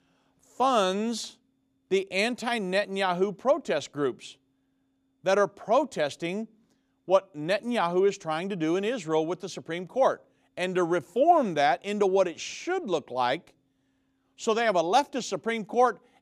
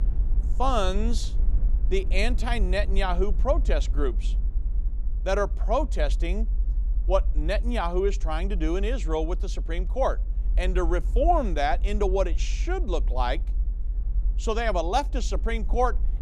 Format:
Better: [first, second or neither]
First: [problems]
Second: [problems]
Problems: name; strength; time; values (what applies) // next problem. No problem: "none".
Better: first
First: none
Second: low rumble; faint; throughout; 25 dB below the speech